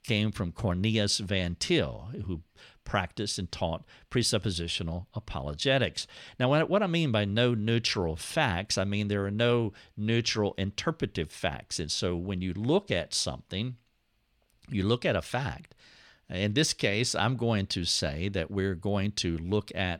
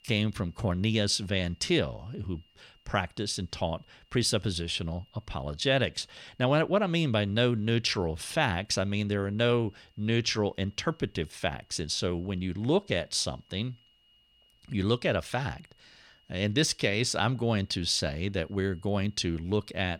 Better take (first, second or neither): first